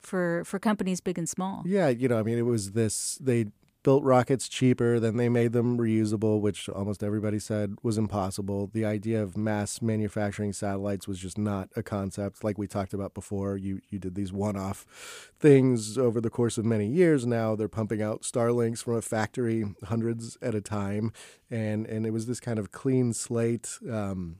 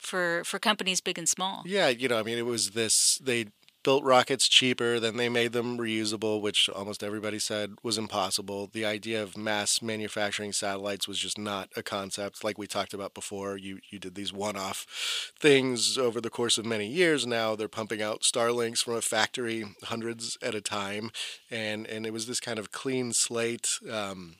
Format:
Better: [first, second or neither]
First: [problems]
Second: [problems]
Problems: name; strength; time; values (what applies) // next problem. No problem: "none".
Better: first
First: none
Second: thin; somewhat; fading below 1 kHz